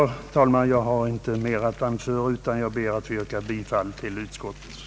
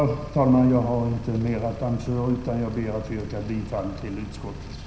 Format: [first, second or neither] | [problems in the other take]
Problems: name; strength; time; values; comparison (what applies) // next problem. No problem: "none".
first | background sound (Engine); 13 dB below the speech // room echo; dies away in 0.9 s